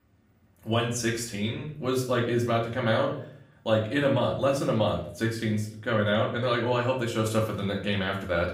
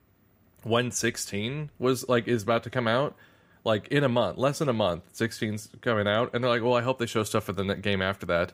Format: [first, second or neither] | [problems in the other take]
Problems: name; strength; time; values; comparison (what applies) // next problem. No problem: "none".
second | room echo; slight; dies away in 0.5 s // off-mic speech; far